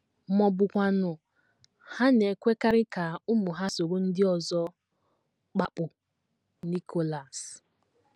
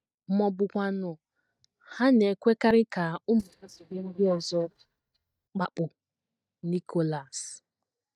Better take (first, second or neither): first